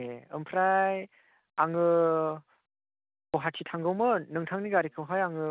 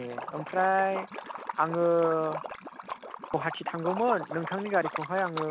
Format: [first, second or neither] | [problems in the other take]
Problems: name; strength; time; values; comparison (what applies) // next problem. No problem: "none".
first | background sound (Liquid); 9 dB below the speech